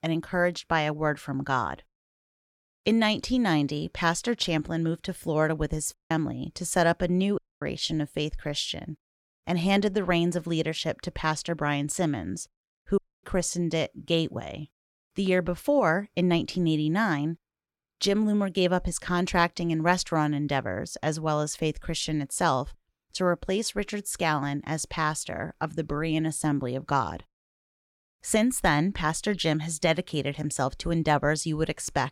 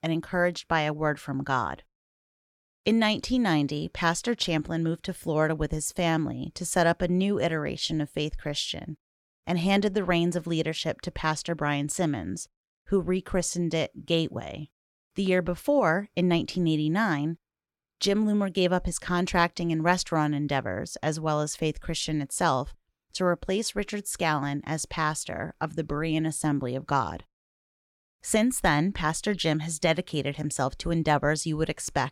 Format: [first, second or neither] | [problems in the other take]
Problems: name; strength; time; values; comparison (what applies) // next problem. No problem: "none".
second | audio cutting out; at 6 s, at 7.5 s and at 13 s